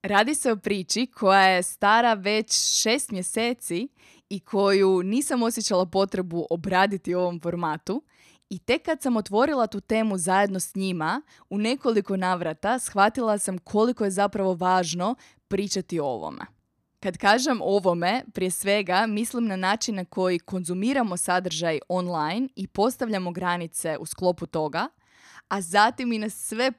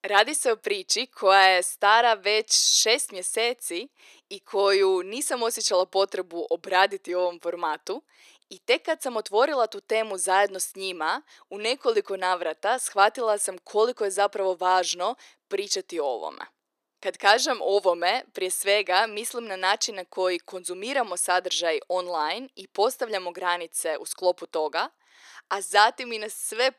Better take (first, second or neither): first